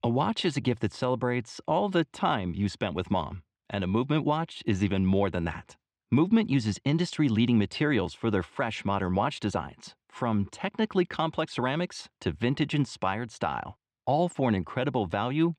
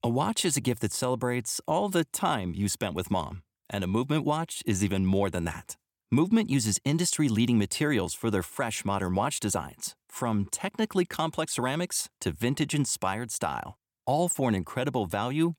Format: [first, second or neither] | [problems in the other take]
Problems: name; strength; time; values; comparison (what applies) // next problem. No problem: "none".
second | muffled; slightly; fading above 4 kHz